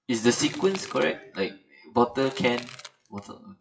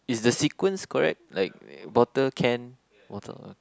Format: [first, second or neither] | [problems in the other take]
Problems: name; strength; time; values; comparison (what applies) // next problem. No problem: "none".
second | noise reduction (classical method WPE with log-MMSE)